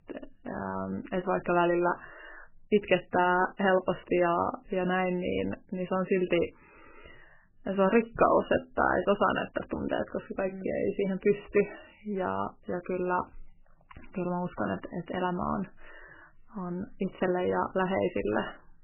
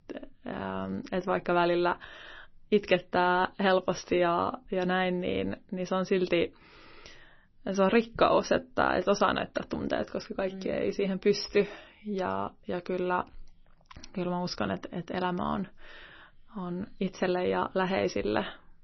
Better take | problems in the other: second | garbled, watery; badly; nothing above 3 kHz; slightly in the second

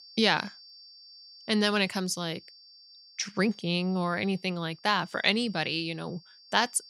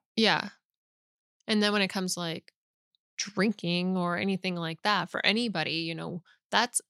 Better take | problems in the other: second | high-pitched whine; faint; throughout; 4.5 kHz, 20 dB below the speech

